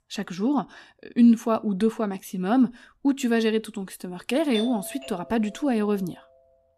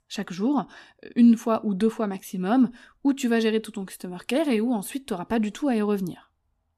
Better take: second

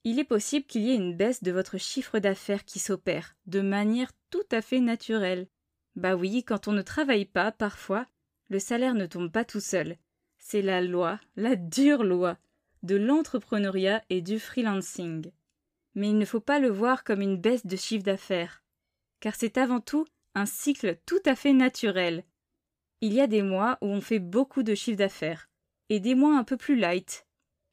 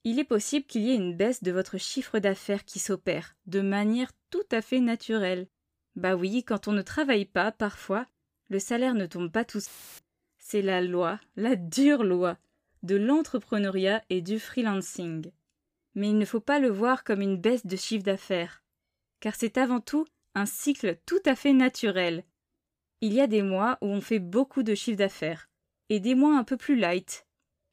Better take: first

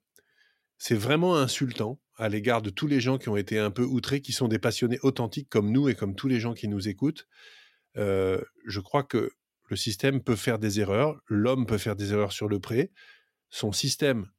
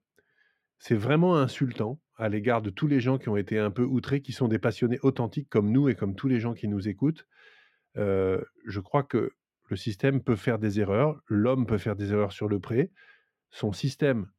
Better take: first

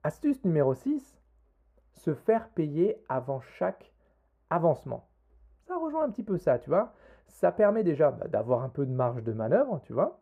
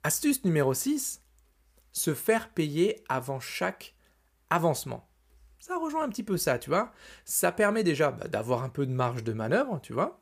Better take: second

